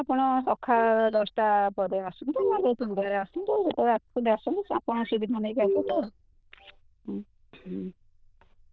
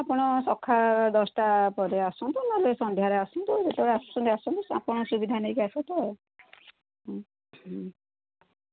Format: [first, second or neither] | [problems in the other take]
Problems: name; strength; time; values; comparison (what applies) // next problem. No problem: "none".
second | noise reduction (neural diffusion model UNIVERSE++)